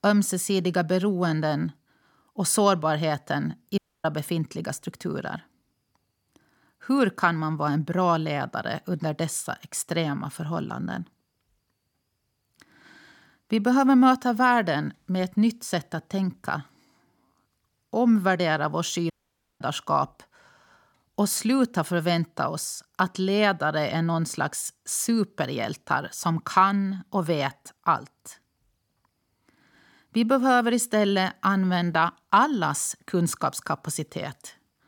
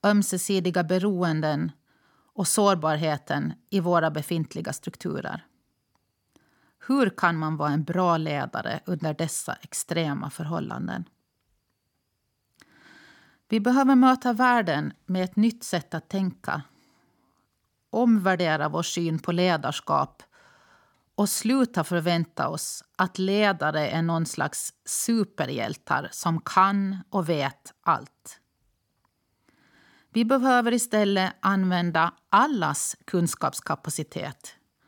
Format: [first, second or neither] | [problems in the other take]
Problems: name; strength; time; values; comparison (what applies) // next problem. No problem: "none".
second | audio cutting out; at 4 s and at 19 s for 0.5 s